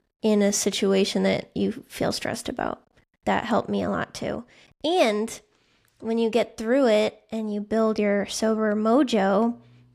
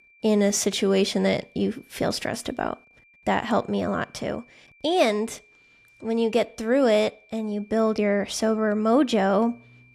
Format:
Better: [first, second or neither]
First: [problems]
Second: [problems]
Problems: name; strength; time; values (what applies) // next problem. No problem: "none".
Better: first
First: none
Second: high-pitched whine; faint; throughout; 2.5 kHz, 30 dB below the speech